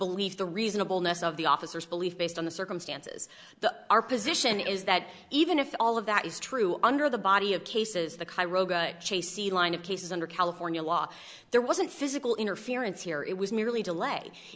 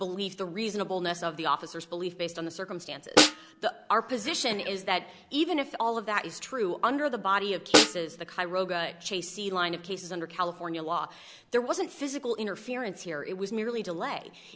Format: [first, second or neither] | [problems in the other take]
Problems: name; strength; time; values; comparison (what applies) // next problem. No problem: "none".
first | background sound (Snare drum); 3 dB above the speech